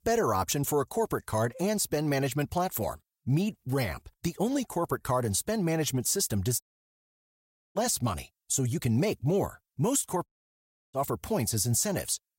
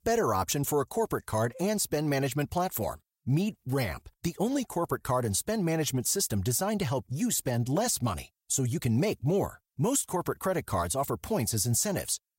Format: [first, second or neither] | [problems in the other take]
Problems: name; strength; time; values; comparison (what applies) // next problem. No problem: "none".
second | audio cutting out; at 6.5 s for 1 s and at 10 s for 0.5 s